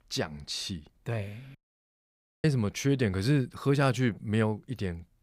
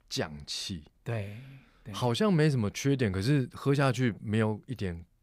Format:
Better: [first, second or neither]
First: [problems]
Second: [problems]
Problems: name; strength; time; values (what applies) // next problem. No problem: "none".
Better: second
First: audio cutting out; at 1.5 s for 1 s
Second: none